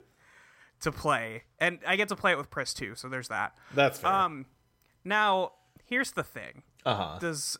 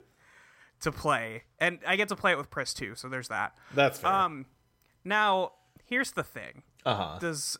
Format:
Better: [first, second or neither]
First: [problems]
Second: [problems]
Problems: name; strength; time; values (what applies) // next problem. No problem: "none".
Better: neither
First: none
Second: none